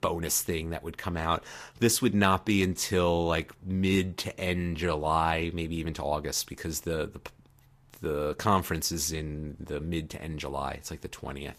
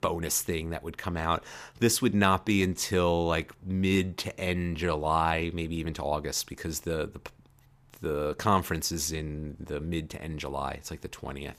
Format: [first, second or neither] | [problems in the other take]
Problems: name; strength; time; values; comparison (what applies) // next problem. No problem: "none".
second | garbled, watery; slightly; nothing above 14.5 kHz